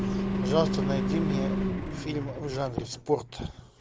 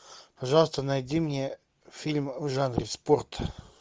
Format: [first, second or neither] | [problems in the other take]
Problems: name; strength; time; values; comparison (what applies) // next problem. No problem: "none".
second | background sound (Engine); 1 dB above the speech